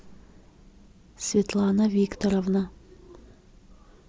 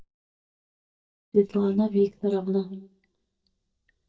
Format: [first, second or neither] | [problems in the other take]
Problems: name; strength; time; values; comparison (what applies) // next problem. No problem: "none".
first | noise reduction (neural mask model DeepFilterNet 3)